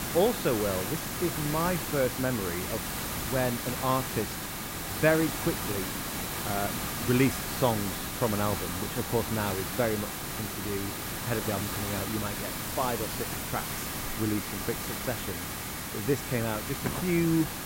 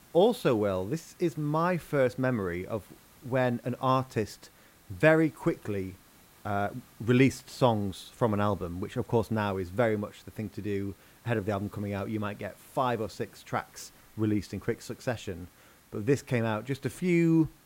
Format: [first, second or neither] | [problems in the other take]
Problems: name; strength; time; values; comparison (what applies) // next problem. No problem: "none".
second | hiss; loud; throughout; 2 dB below the speech; faint in the second